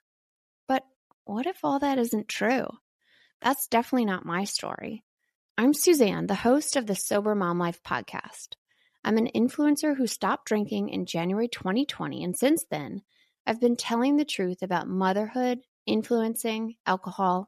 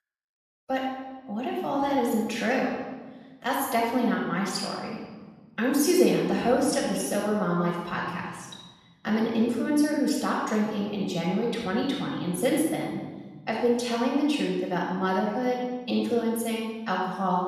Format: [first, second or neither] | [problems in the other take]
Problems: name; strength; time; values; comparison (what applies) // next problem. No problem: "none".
first | off-mic speech; far // room echo; noticeable; dies away in 1.2 s